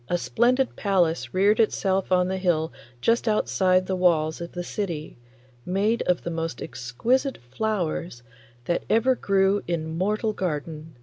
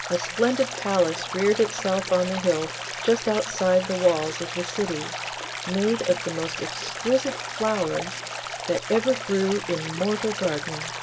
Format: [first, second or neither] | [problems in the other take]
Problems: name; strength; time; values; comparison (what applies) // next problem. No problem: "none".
first | background sound (Stream); 8 dB below the speech // room echo; dies away in 2.7 s